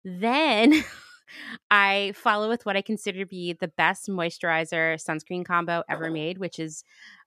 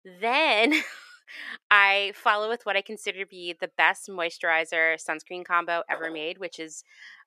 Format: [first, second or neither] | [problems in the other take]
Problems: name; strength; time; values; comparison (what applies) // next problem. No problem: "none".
first | thin; somewhat; fading below 500 Hz